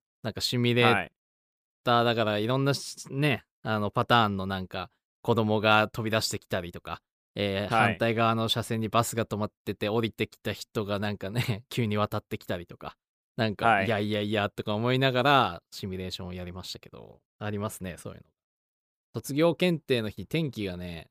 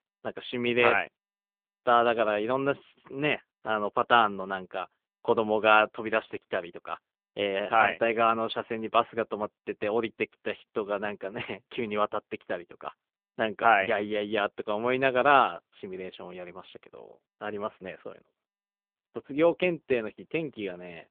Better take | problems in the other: first | phone-call audio; poor line

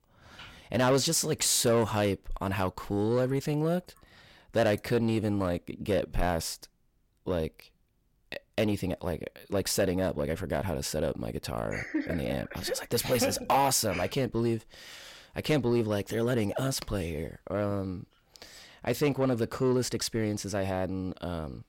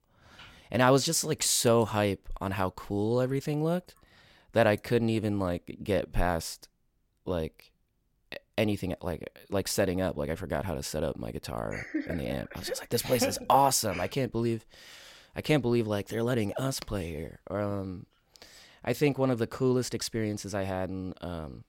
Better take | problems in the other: second | distortion; slight; 10 dB below the speech

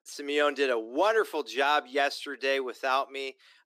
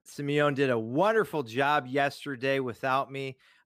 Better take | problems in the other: second | thin; somewhat; fading below 300 Hz

